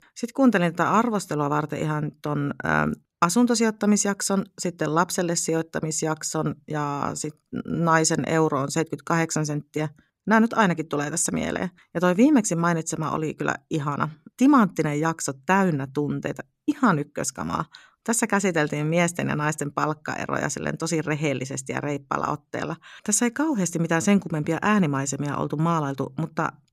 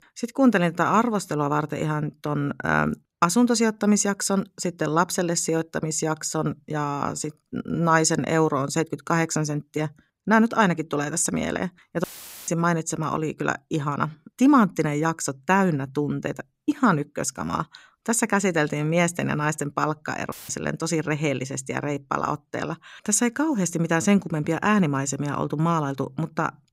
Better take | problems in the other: first | audio cutting out; filled with static; at 12 s and at 20 s

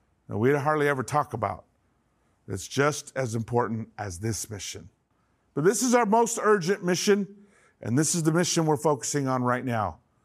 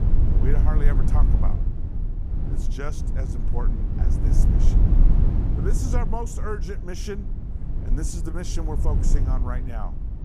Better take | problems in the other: first | low rumble; loud; throughout; 3 dB below the speech

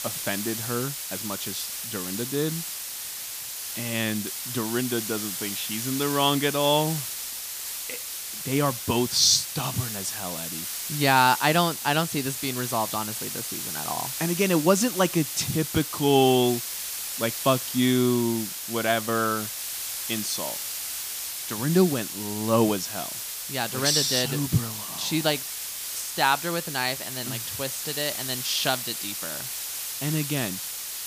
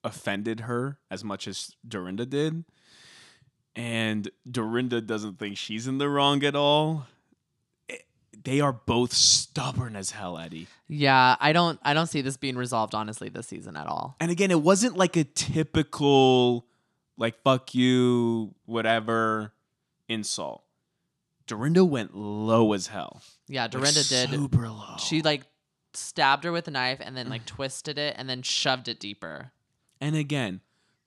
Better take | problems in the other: second | hiss; loud; throughout; 5 dB below the speech

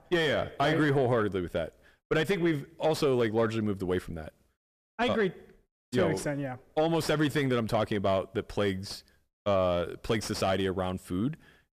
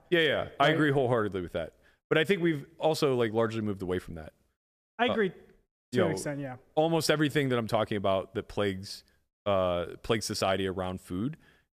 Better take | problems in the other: second | distortion; slight; 10 dB below the speech

